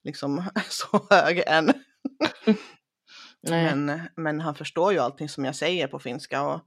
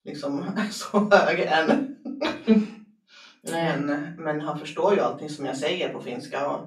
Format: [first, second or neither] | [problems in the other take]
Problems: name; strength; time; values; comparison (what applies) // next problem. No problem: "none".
first | room echo; slight; dies away in 0.3 s // off-mic speech; far